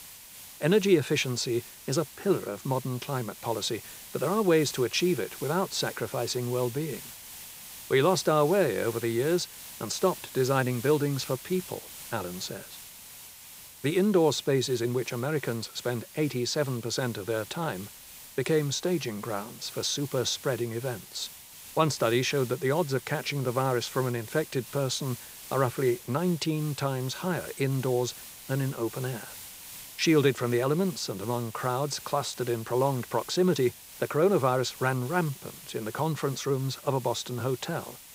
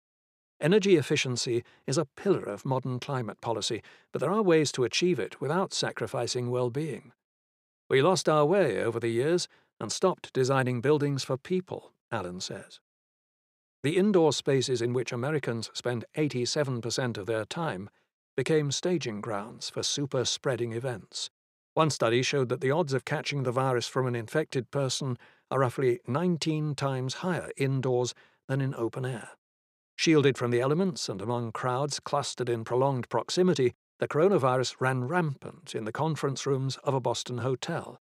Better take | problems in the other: second | hiss; noticeable; throughout; 15 dB below the speech

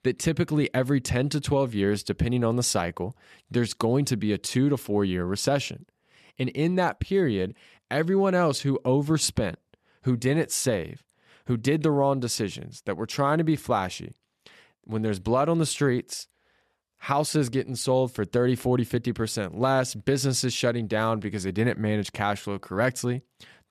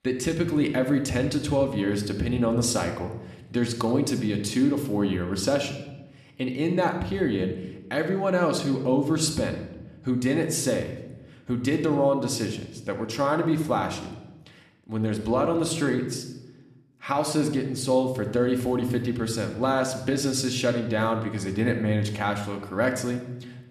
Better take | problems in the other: first | room echo; slight; dies away in 0.8 s

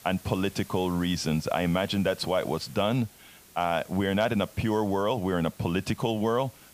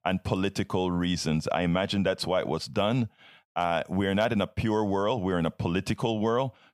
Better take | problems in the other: second | hiss; faint; throughout; 20 dB below the speech

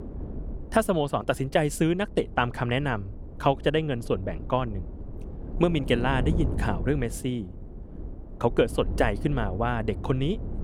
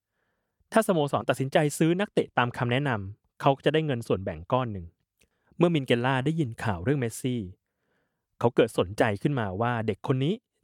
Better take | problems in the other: second | wind noise on the microphone; occasional gusts; 15 dB below the speech

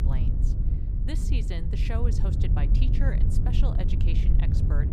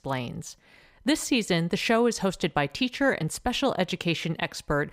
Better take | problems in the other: second | low rumble; loud; throughout; 1 dB below the speech

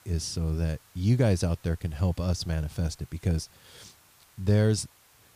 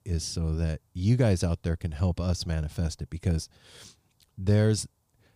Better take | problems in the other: second | hiss; faint; throughout; 30 dB below the speech

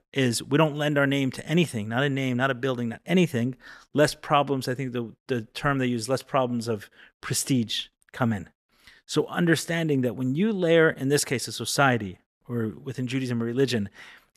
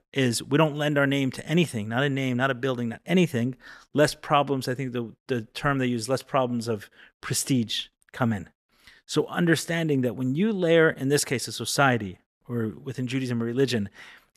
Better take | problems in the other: neither | none

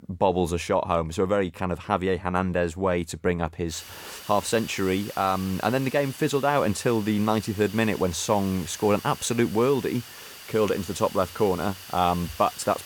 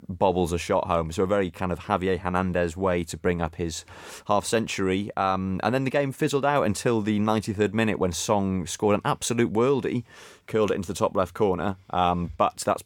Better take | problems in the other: second | hiss; noticeable; from 3.5 s on; 15 dB below the speech

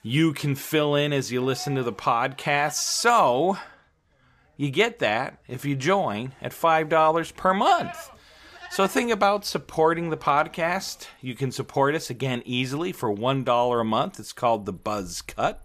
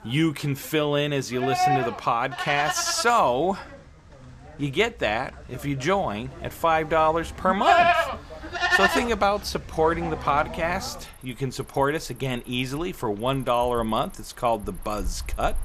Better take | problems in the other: first | animal sounds; loud; throughout; 1 dB below the speech; faint in the first

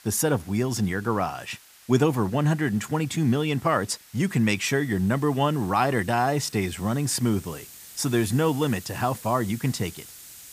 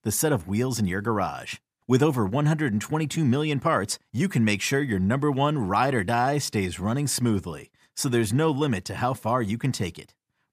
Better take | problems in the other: second | hiss; noticeable; throughout; 20 dB below the speech

